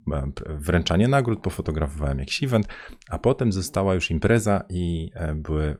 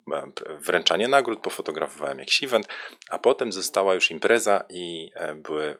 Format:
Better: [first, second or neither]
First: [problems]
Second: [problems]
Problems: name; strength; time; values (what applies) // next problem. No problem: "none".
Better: first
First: none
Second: thin; very; fading below 400 Hz